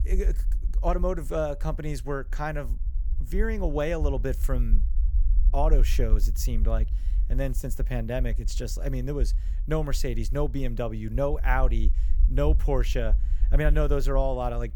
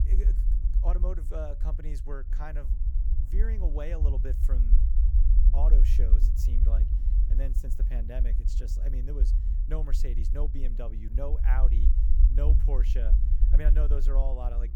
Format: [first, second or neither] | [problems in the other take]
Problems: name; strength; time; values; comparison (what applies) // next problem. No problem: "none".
first | low rumble; loud; throughout; 6 dB below the speech; faint in the first